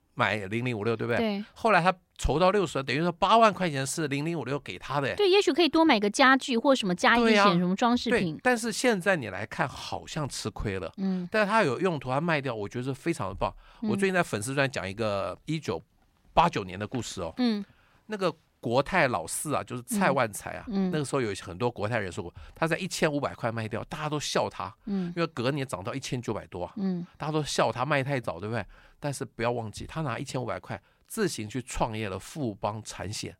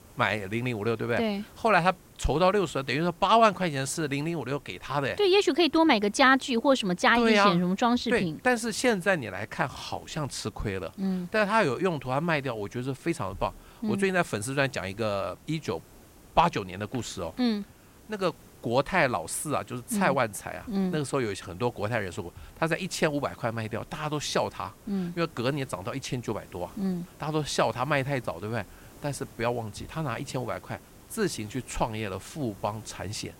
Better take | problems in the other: first | hiss; faint; throughout; 25 dB below the speech

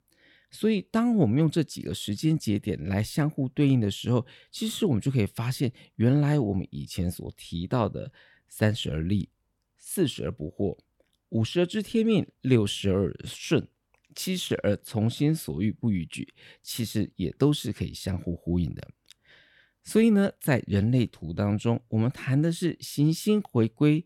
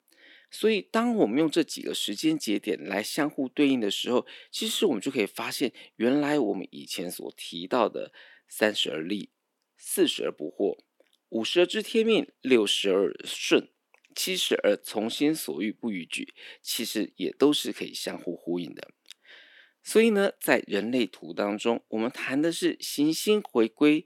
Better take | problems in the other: first | thin; somewhat; fading below 300 Hz

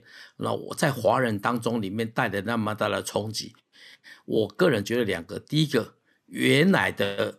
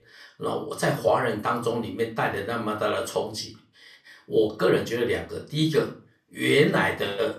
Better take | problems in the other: first | off-mic speech; far // room echo; very slight; dies away in 0.3 s

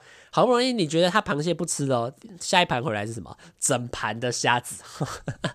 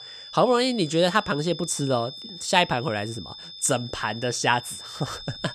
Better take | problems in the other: first | high-pitched whine; noticeable; throughout; 3.5 kHz, 15 dB below the speech

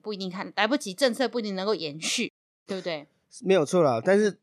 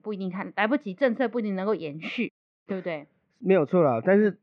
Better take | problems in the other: first | muffled; very; fading above 2.5 kHz

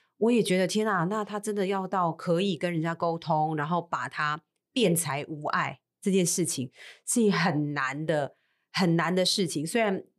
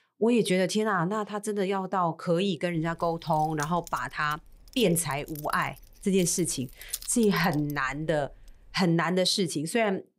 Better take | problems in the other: first | jangling keys; noticeable; from 3 to 8.5 s; peak 9 dB below the speech

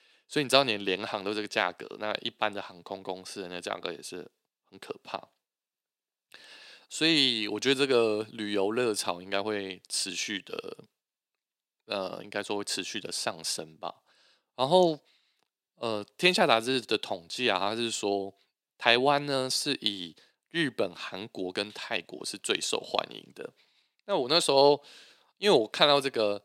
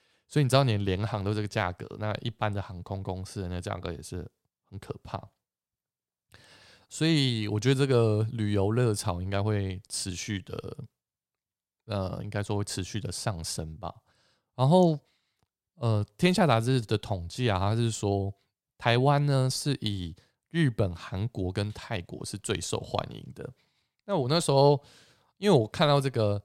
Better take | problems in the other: second | thin; somewhat; fading below 250 Hz

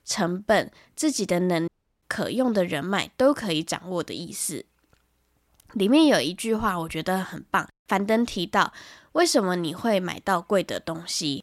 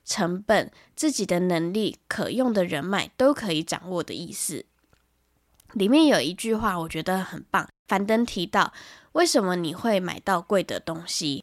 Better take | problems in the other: second | audio cutting out; at 1.5 s

